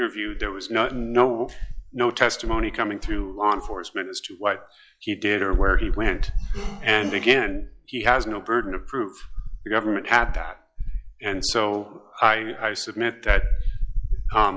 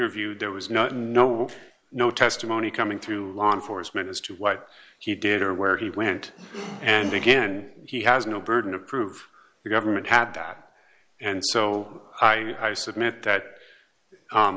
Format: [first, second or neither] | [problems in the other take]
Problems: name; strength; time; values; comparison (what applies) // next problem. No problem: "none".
second | noise reduction (classical method log-MMSE)